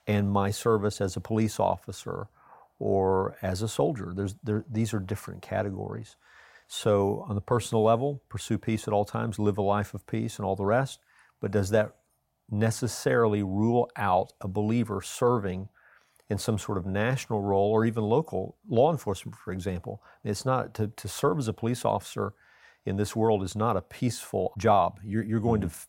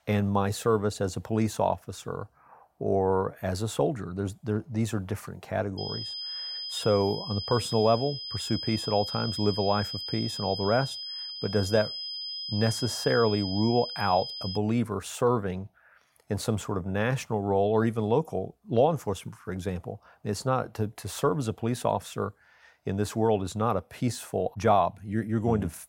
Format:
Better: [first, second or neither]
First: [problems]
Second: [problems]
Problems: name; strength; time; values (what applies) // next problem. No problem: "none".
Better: first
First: none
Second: high-pitched whine; loud; from 6 to 15 s; 5 kHz, 5 dB below the speech